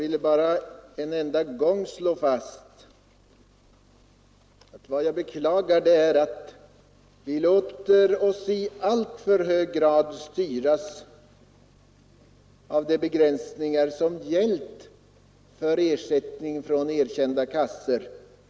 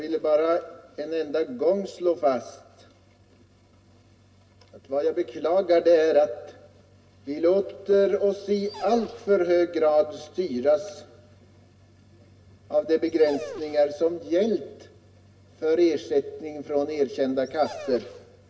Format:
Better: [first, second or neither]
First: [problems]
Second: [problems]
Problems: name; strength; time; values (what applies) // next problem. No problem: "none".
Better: first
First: none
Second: background sound (Dog); 18 dB below the speech // room echo; dies away in 0.4 s